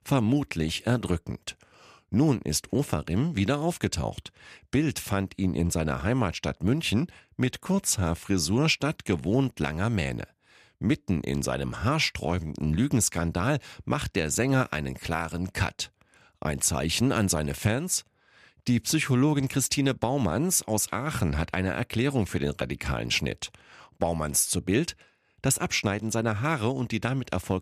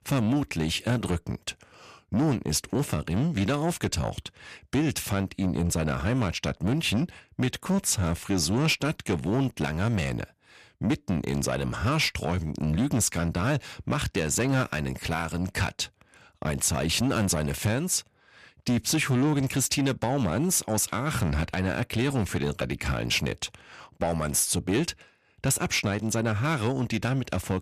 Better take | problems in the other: first | distortion; slight; 10 dB below the speech

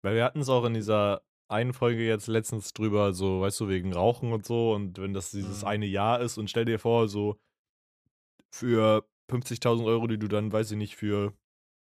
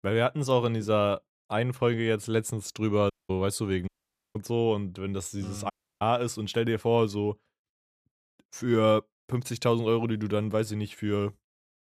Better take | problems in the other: first | audio cutting out; at 3 s, at 4 s and at 5.5 s

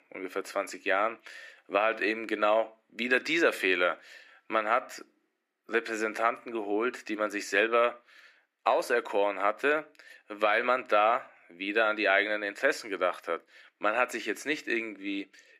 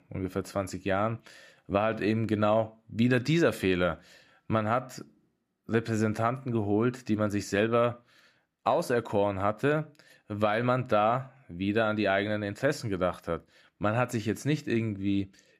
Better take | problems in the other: second | thin; somewhat; fading below 350 Hz

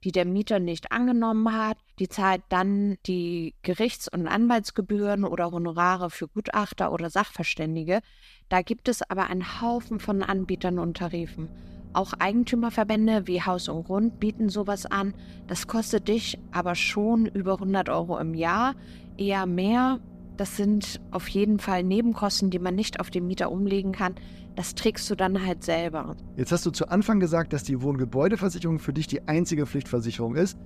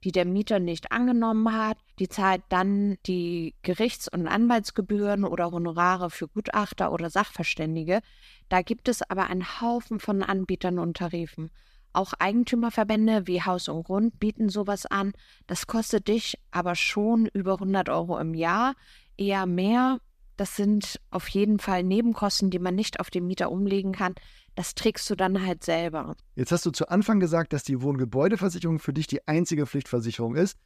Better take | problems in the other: second | low rumble; faint; from 9.5 s on; 25 dB below the speech

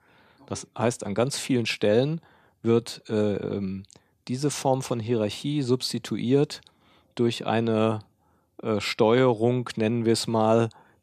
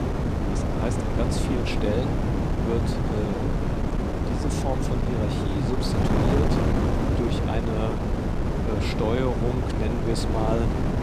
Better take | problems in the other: first | wind noise on the microphone; heavy; 2 dB above the speech

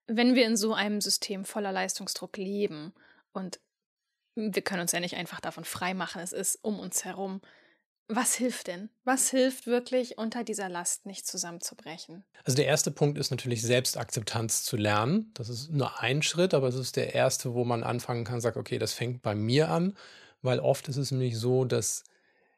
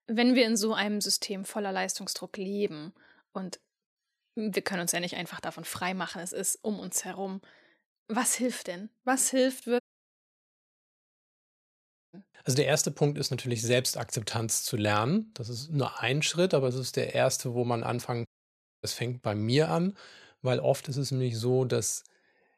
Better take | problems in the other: first | audio cutting out; at 10 s for 2.5 s and at 18 s for 0.5 s

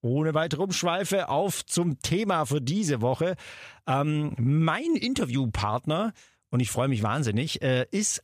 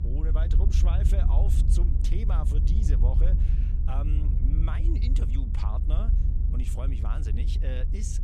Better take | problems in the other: first | low rumble; loud; throughout; 2 dB below the speech

